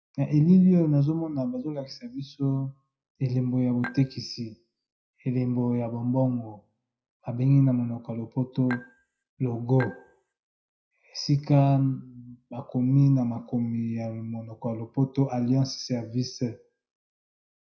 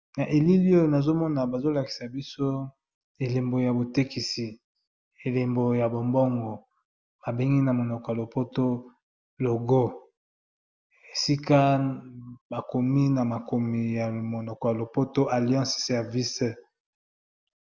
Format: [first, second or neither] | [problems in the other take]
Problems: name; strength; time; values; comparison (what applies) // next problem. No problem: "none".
second | noise reduction (classical method WPE with log-MMSE)